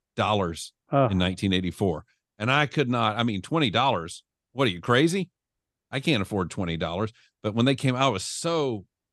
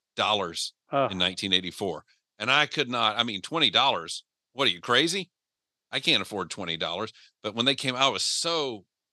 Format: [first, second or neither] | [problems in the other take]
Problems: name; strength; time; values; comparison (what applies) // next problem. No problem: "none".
first | thin; somewhat; fading below 1 kHz